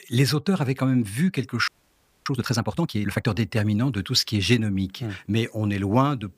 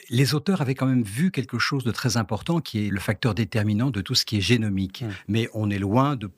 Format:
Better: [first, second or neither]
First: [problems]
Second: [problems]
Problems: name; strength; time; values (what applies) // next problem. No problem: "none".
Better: second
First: audio freezing; at 1.5 s for 0.5 s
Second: none